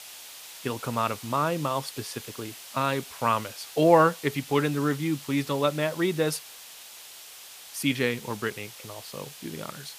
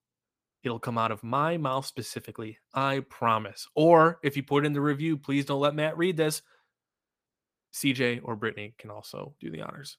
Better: second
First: hiss; noticeable; throughout; 15 dB below the speech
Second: none

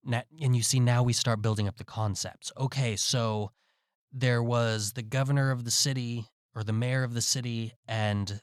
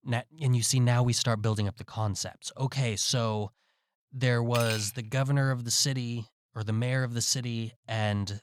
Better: first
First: none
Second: clattering dishes; noticeable; at 4.5 s; peak 6 dB below the speech

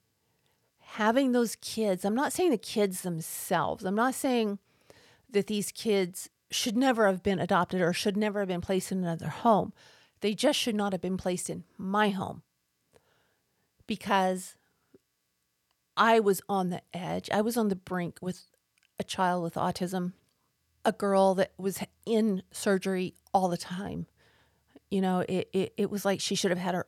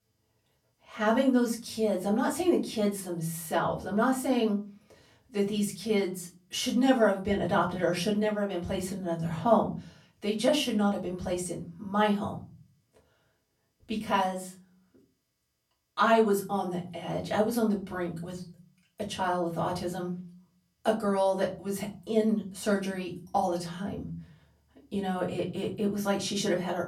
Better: first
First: none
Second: off-mic speech; far // room echo; very slight; dies away in 0.4 s

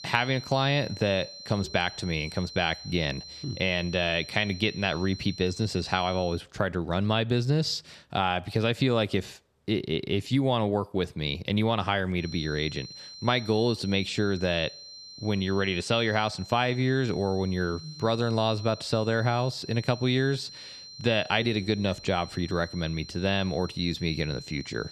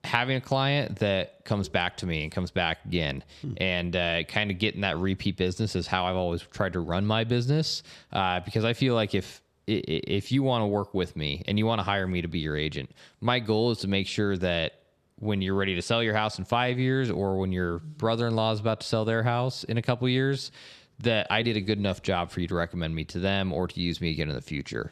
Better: second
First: high-pitched whine; noticeable; until 6.5 s and from 12 s on; 4 kHz, 15 dB below the speech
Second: none

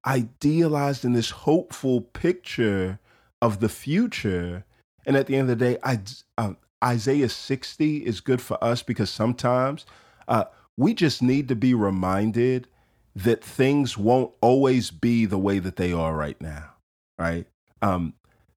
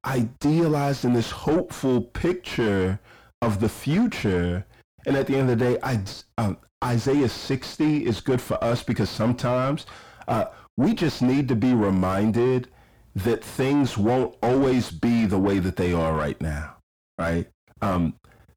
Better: first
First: none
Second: distortion; heavy; 7 dB below the speech

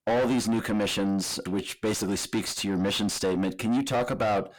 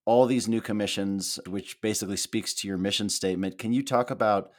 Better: second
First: distortion; heavy; 5 dB below the speech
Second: none

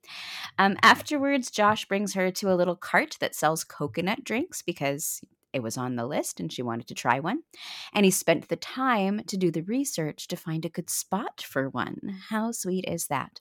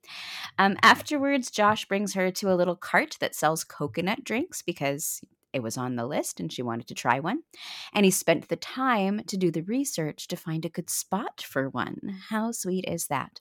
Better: neither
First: none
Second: none

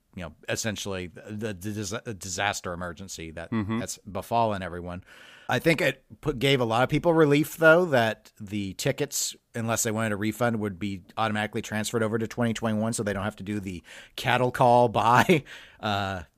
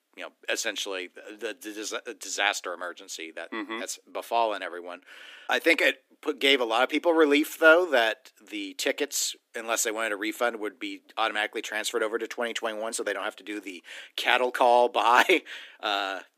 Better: first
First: none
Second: thin; somewhat; fading below 300 Hz

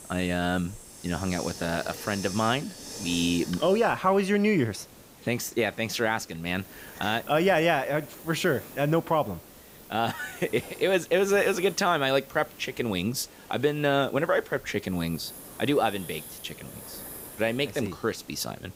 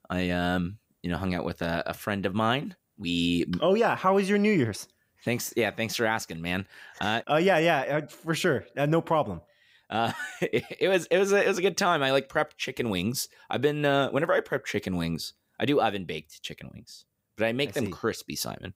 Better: second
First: hiss; noticeable; throughout; 15 dB below the speech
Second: none

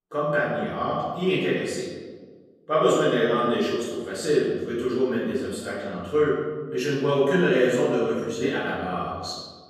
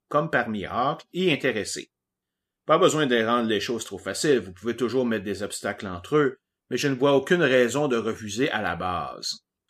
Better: second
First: room echo; noticeable; dies away in 1.4 s // off-mic speech; far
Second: none

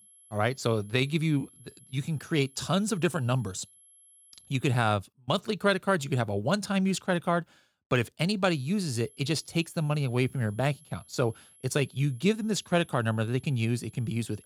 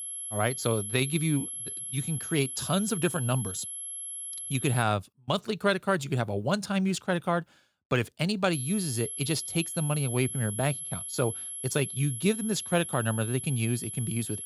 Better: first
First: high-pitched whine; faint; until 5 s and from 8.5 s on; 11 kHz, 25 dB below the speech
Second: high-pitched whine; loud; until 5 s and from 8.5 s on; 11 kHz, 5 dB below the speech

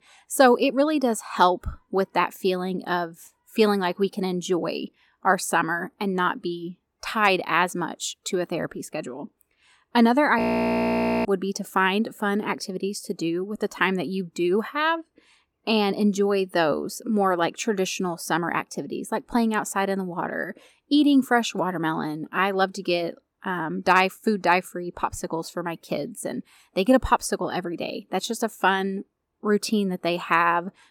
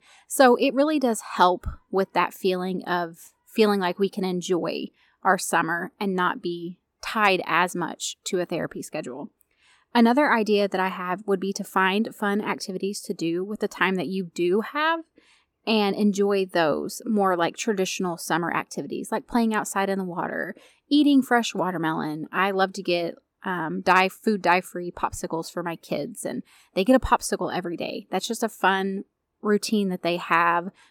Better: second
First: audio freezing; at 10 s for 1 s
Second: none

